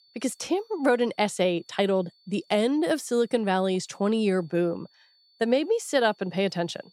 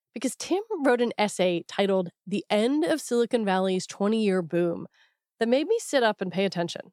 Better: second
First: high-pitched whine; faint; throughout; 4.5 kHz, 35 dB below the speech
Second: none

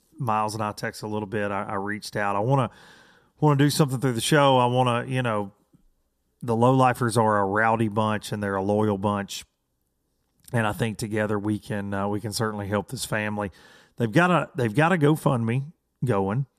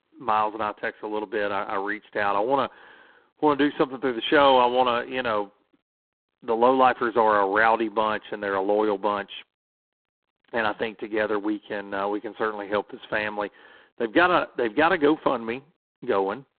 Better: first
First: none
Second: phone-call audio; poor line

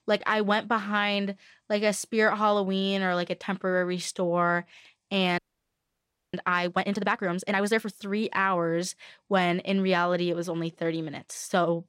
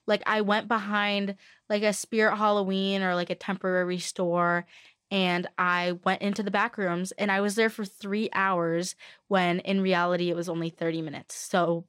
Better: second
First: audio freezing; at 5.5 s for 1 s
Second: none

